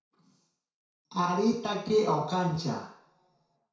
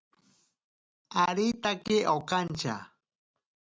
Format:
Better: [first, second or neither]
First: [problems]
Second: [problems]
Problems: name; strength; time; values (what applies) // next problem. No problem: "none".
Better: second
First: room echo; dies away in 0.6 s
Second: none